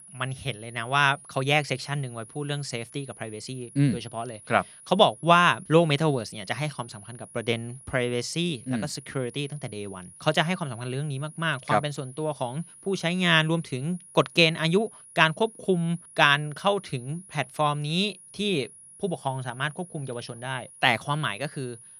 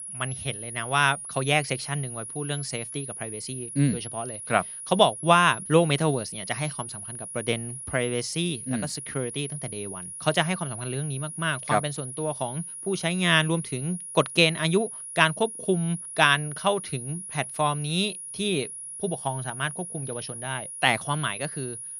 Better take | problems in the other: first | high-pitched whine; loud; throughout; 10.5 kHz, 9 dB below the speech; faint in the first

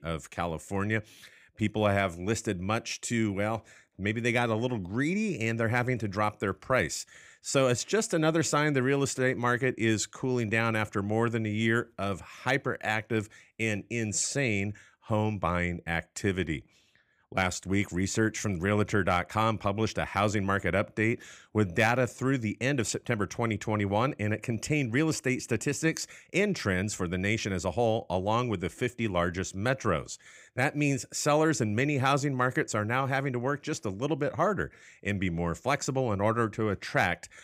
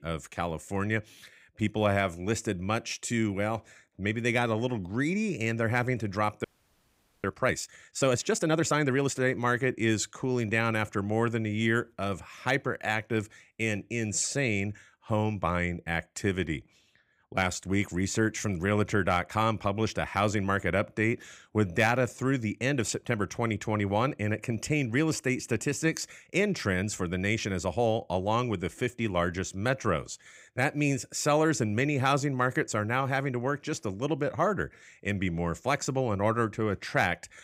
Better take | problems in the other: first | audio freezing; at 6.5 s for 1 s

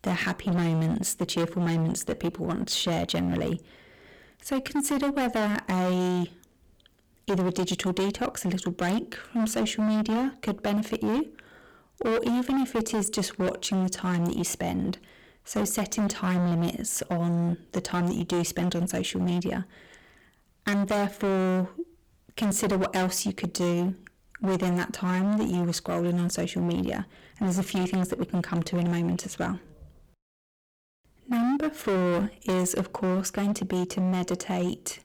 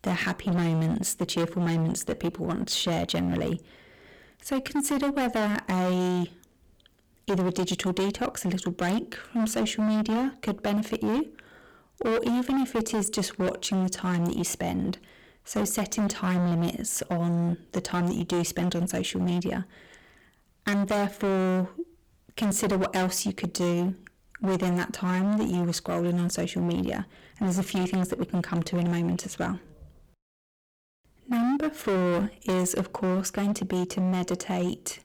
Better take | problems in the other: neither | distortion; heavy; 20% of the sound clipped; the same in both

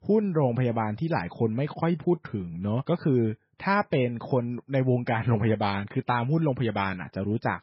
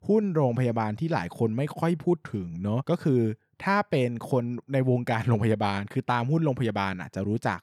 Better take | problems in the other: second | garbled, watery; badly; nothing above 5.5 kHz

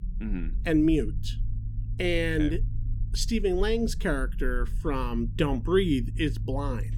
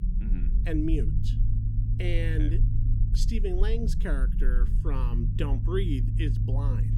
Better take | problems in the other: first | low rumble; loud; throughout; 7 dB below the speech; faint in the first

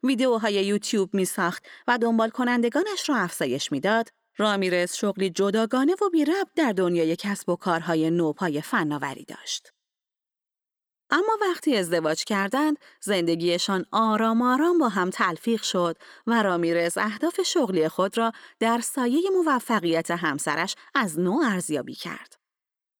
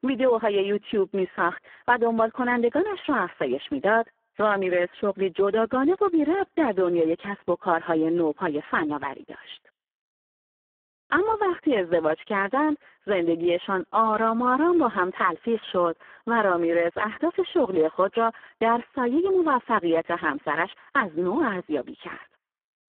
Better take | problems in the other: first | phone-call audio; poor line

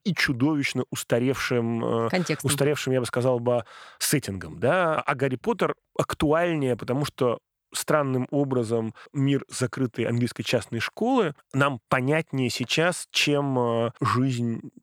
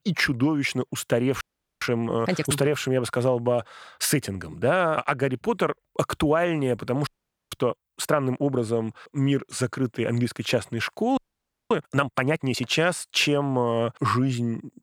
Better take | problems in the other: first | audio freezing; at 1.5 s, at 7 s and at 11 s for 0.5 s

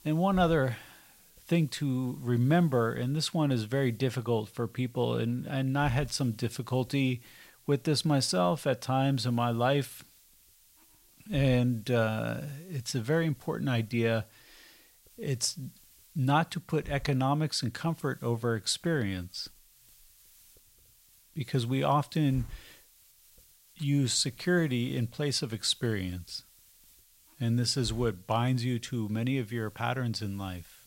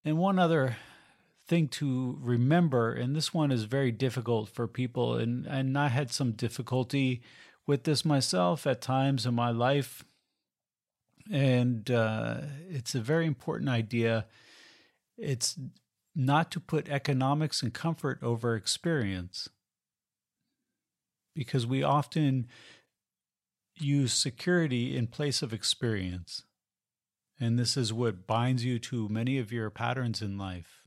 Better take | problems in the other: second | hiss; faint; throughout; 25 dB below the speech

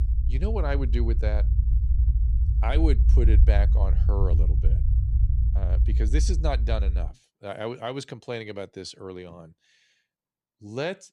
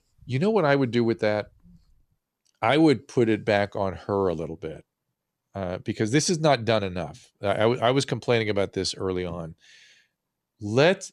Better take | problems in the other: second | low rumble; loud; until 7 s; 9 dB below the speech

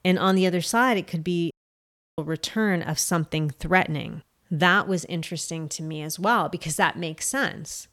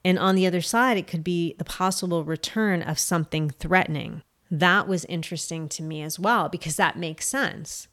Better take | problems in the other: second | audio cutting out; at 1.5 s for 0.5 s

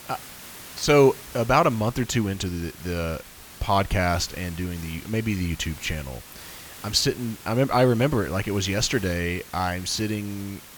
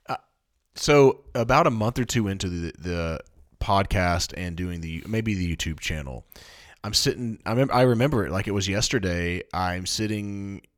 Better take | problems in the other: second | hiss; noticeable; throughout; 15 dB below the speech

